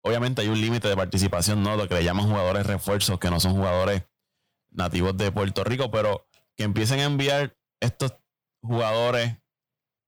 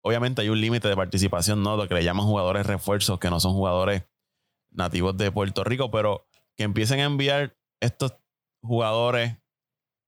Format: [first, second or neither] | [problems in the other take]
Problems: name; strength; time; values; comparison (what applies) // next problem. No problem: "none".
second | distortion; slight; 7% of the sound clipped